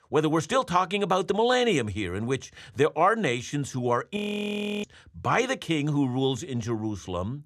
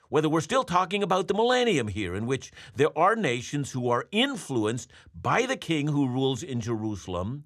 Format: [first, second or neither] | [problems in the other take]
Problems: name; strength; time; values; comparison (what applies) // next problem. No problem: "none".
second | audio freezing; at 4 s for 0.5 s